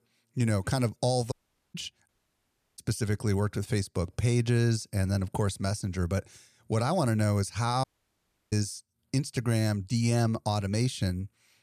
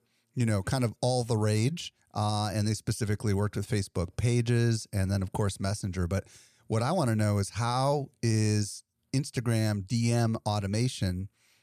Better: second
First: audio cutting out; at 1.5 s, at 2 s for 0.5 s and at 8 s for 0.5 s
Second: none

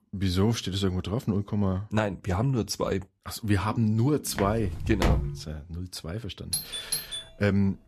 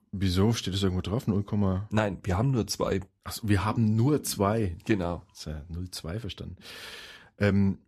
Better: second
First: footsteps; loud; at 4.5 s; peak 1 dB above the speech // doorbell; noticeable; at 6.5 s; peak 2 dB below the speech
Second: none

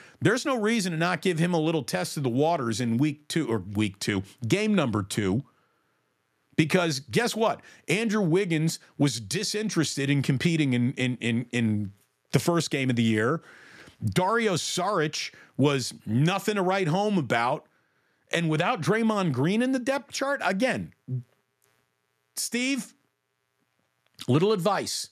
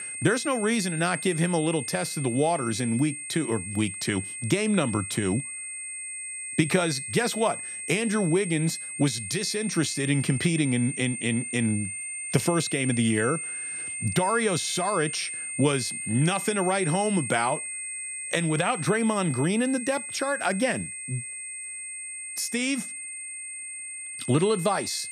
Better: first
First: none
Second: high-pitched whine; loud; throughout; 8.5 kHz, 6 dB below the speech

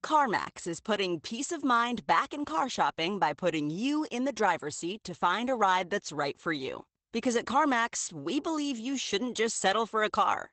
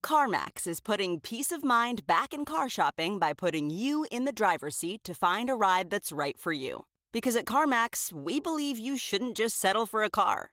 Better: second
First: garbled, watery; badly; nothing above 8 kHz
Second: garbled, watery; slightly; nothing above 16 kHz

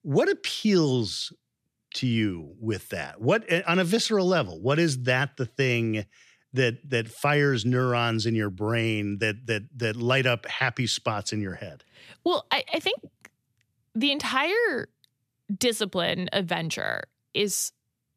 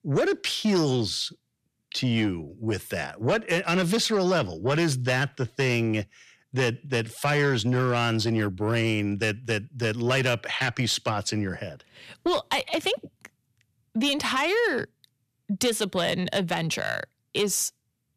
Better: first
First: none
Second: distortion; slight; 10 dB below the speech

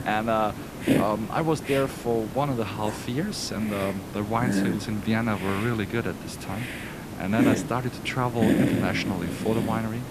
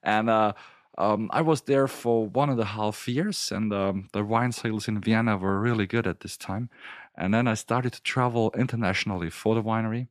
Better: second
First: hiss; loud; throughout; 2 dB below the speech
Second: none

